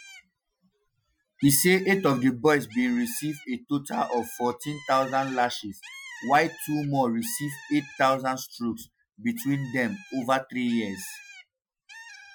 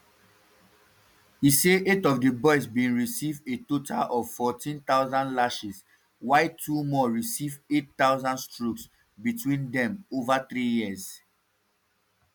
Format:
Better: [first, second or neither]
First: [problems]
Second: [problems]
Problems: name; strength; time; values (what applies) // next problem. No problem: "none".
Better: second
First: noise reduction (classical method Wiener filter)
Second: none